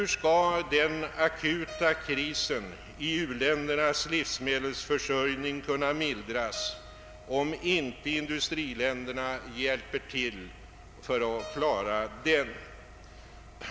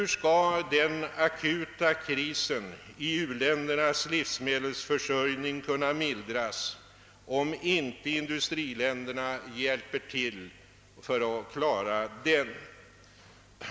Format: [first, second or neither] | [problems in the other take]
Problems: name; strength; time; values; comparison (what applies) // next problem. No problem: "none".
second | background sound (Keyboard (musical) + Engine); 18 dB below the speech